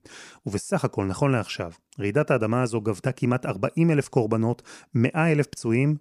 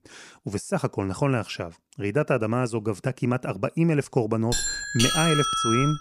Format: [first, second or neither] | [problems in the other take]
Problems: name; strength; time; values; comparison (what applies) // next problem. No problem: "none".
first | doorbell; loud; from 4.5 s on; peak 4 dB above the speech